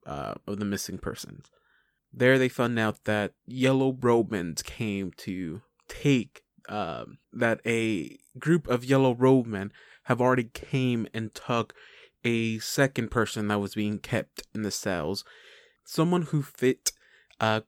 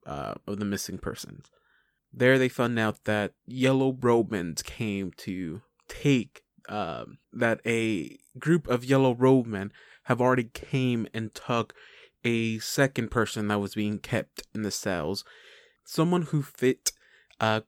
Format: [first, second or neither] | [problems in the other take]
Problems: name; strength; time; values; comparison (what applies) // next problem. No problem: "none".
neither | none